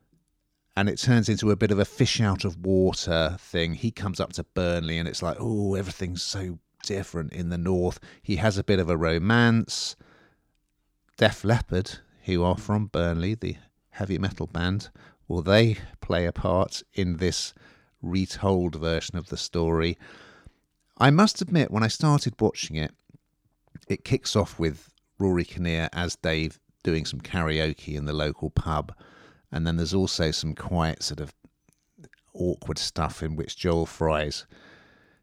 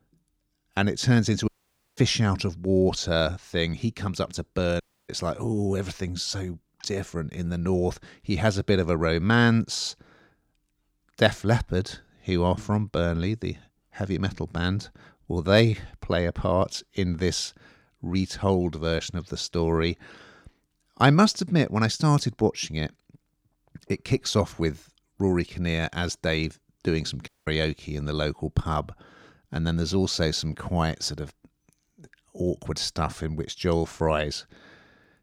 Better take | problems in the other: first | audio cutting out; at 1.5 s, at 5 s and at 27 s

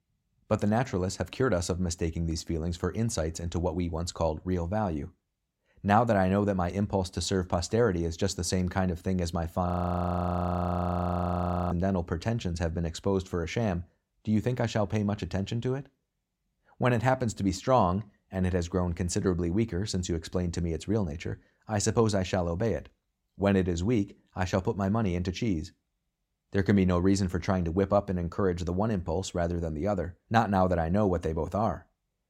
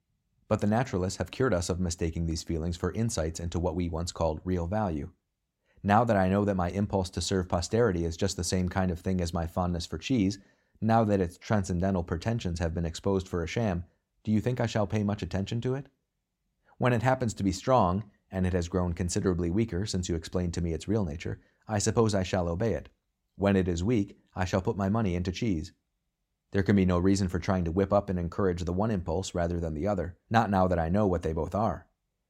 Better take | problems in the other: second | audio freezing; at 9.5 s for 2 s

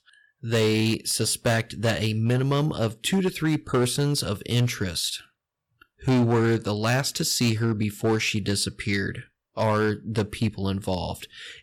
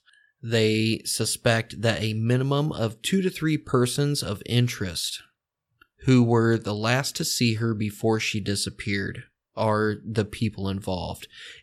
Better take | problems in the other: second | distortion; slight; 7% of the sound clipped

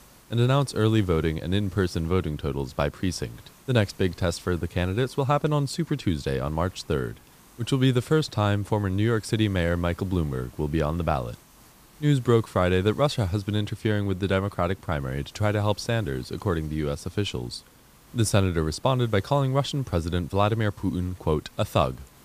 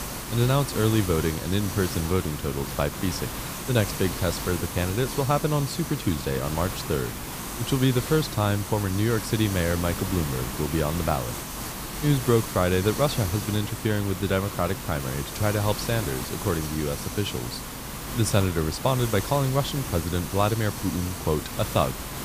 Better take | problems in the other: first | hiss; loud; throughout; 6 dB below the speech; faint in the first

